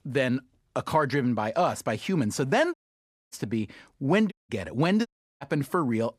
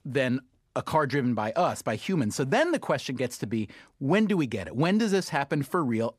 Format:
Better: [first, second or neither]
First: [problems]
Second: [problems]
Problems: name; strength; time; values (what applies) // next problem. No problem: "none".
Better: second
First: audio cutting out; at 2.5 s for 0.5 s, at 4.5 s and at 5 s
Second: none